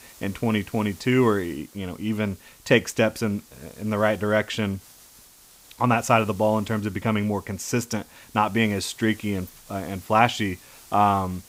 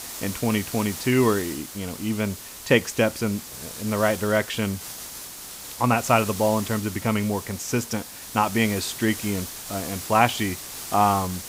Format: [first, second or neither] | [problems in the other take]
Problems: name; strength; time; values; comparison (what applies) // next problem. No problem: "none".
first | hiss; loud; throughout; 10 dB below the speech; faint in the first